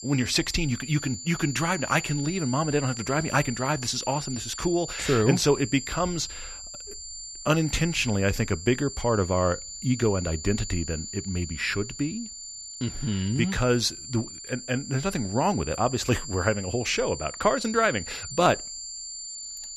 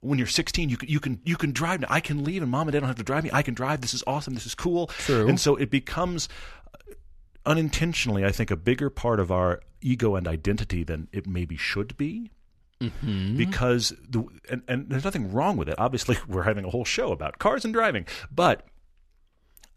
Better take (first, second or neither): second